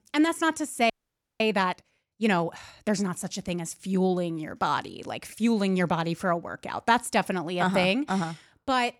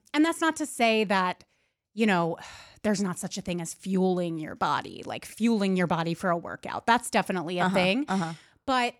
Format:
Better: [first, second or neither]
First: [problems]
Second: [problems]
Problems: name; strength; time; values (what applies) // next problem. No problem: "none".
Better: second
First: audio freezing; at 1 s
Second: none